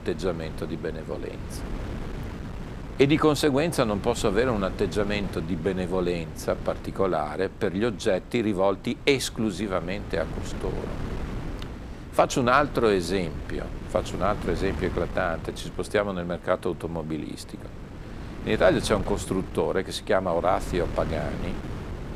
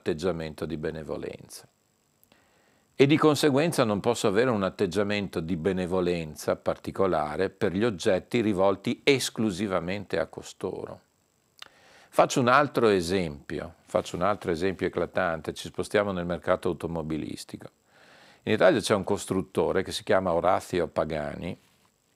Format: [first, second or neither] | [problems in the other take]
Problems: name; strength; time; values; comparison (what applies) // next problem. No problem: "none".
second | wind noise on the microphone; occasional gusts; 15 dB below the speech